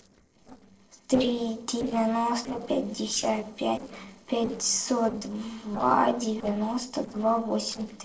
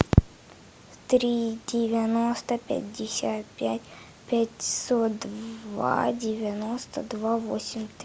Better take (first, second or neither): second